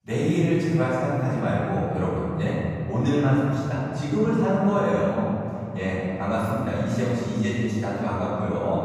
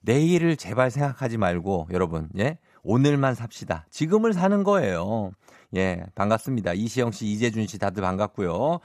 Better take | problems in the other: second | off-mic speech; far // room echo; strong; dies away in 3 s

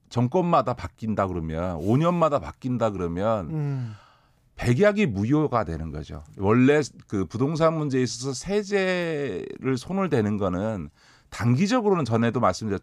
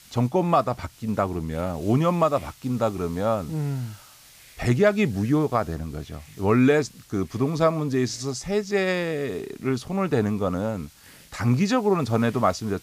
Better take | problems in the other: first | hiss; faint; throughout; 25 dB below the speech

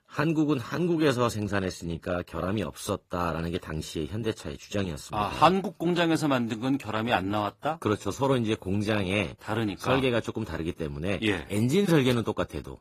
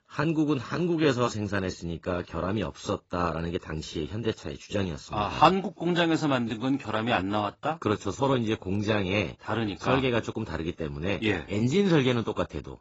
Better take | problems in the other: first | garbled, watery; badly; nothing above 7.5 kHz; slightly in the first

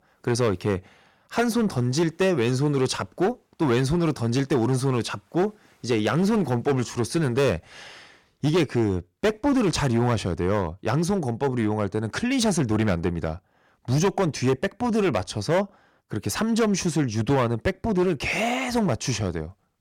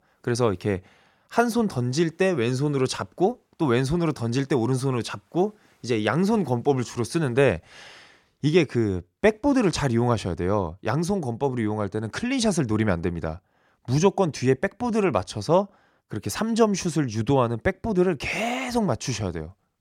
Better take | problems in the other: second | distortion; slight; 8% of the sound clipped

